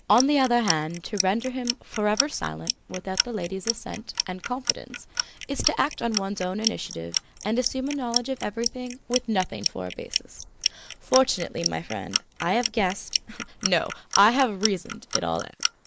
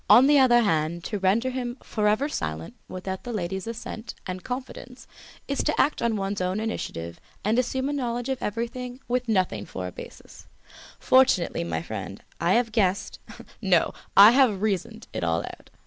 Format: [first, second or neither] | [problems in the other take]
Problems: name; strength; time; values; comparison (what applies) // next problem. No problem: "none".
second | noise reduction (neural mask model Resemble Enhance denoiser)